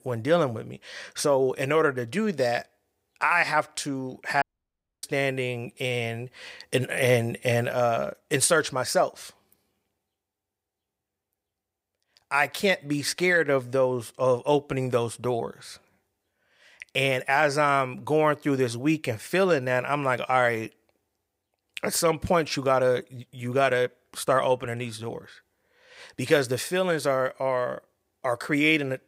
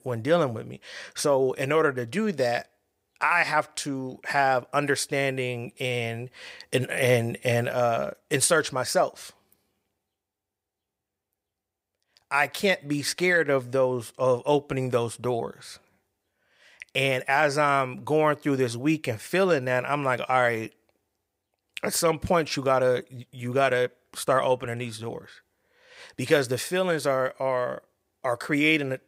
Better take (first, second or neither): second